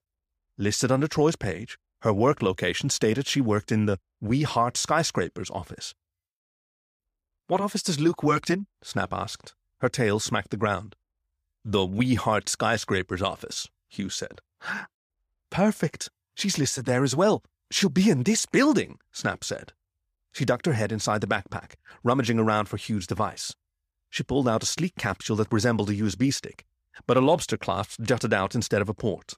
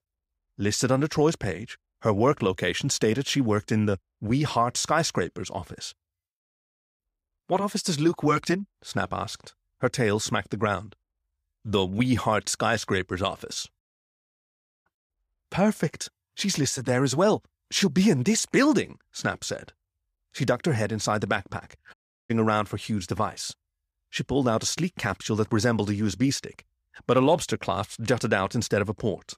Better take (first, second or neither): first